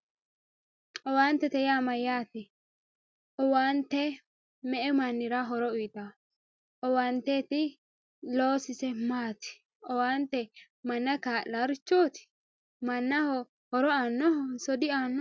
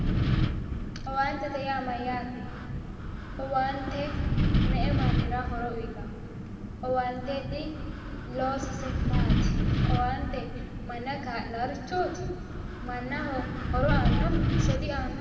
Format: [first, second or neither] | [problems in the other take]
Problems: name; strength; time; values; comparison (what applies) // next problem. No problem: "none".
first | background sound (Wind); 5 dB above the speech // room echo; dies away in 2 s